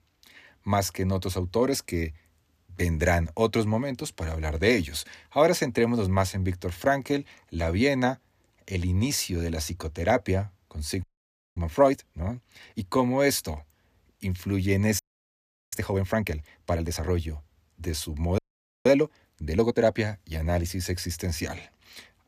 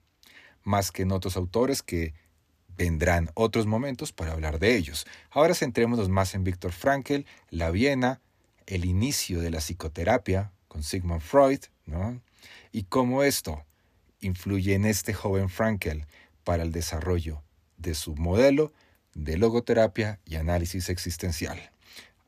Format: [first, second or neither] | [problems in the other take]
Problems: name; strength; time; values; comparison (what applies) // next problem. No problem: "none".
second | audio freezing; at 11 s for 0.5 s, at 15 s for 0.5 s and at 18 s